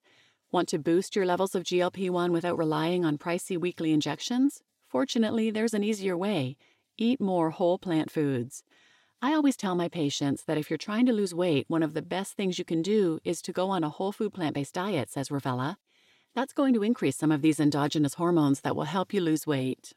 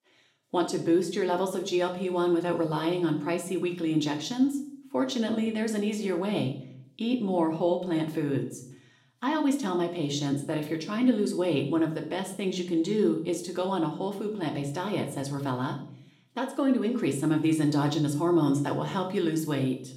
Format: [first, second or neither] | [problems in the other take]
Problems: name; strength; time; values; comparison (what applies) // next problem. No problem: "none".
first | room echo; slight; dies away in 0.5 s